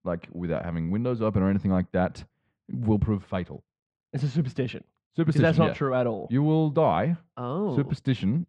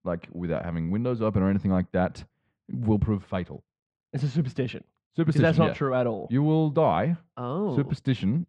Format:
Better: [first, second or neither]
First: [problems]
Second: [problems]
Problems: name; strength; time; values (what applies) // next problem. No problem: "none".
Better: neither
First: muffled; very; fading above 2 kHz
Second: muffled; very; fading above 2 kHz